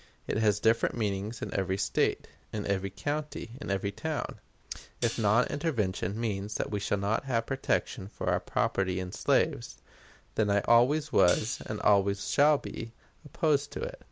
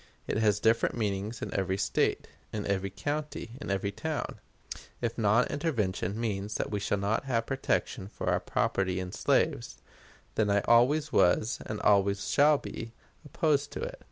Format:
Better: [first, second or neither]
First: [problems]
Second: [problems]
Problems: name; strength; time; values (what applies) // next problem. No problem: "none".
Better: second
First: background sound (Hi-hat); 16 dB below the speech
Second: none